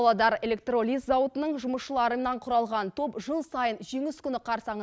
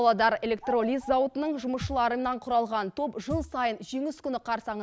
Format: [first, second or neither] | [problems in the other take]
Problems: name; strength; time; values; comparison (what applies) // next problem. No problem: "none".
first | background sound (Bird vocalization, bird call, bird song + Thump, thud); 13 dB below the speech